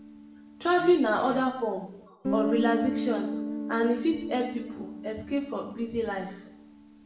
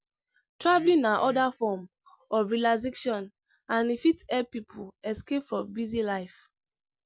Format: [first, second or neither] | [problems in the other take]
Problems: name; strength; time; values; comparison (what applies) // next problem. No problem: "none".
second | background sound (Guitar); 6 dB below the speech // room echo; dies away in 0.8 s